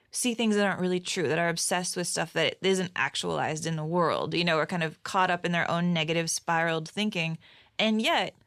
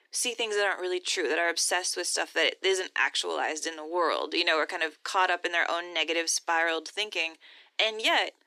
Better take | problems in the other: first | thin; very; fading below 300 Hz

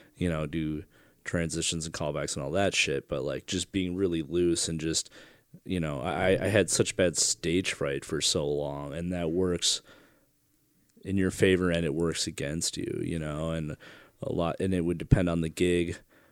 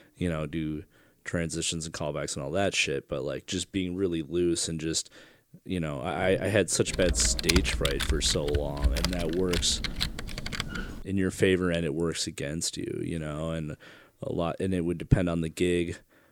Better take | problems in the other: first | keyboard typing; loud; from 7 to 11 s; peak 3 dB above the speech

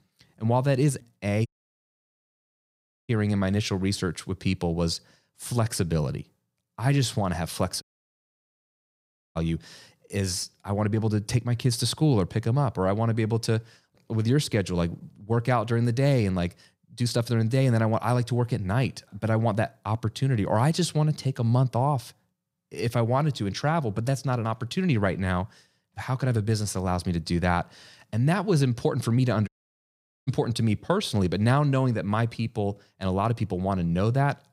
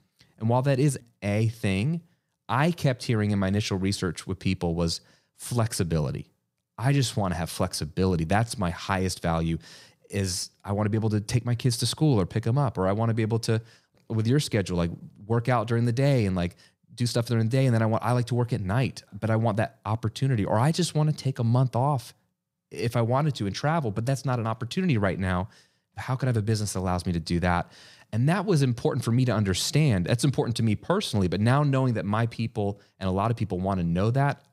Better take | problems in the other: second | audio cutting out; at 1.5 s for 1.5 s, at 8 s for 1.5 s and at 29 s for 1 s

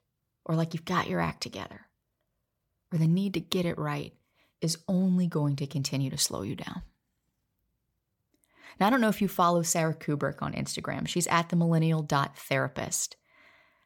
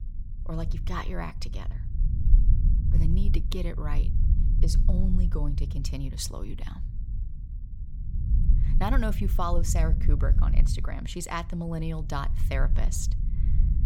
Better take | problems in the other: first | low rumble; noticeable; throughout; 10 dB below the speech

